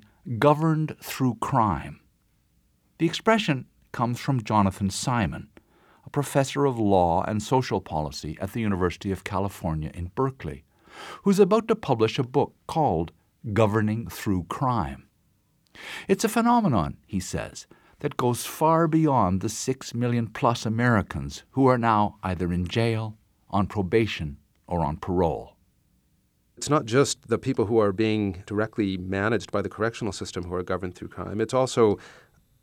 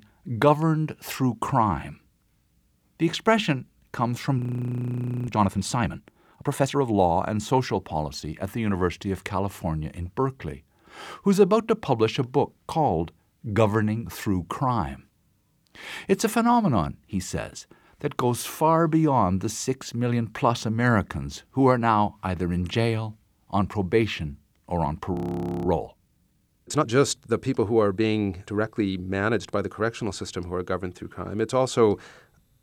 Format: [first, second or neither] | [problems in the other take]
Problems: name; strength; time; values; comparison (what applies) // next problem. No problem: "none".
first | audio freezing; at 4.5 s for 1 s and at 25 s for 0.5 s